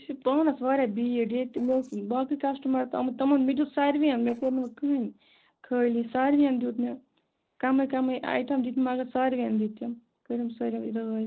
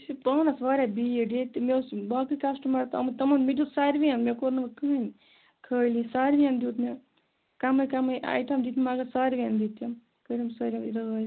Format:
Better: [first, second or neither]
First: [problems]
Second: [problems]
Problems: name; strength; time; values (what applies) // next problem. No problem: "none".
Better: second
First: noise reduction (neural separator model SepFormer DNS4)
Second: none